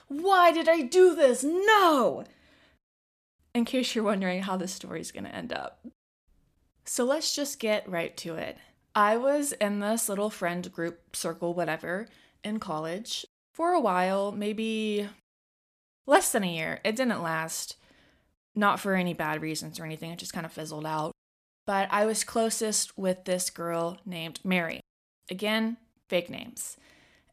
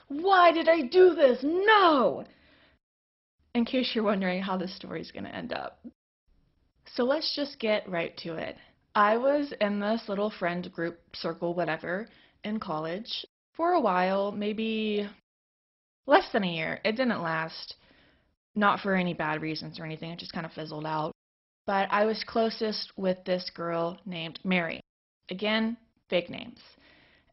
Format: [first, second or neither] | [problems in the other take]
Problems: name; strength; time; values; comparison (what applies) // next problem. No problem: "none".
first | garbled, watery; badly; nothing above 5.5 kHz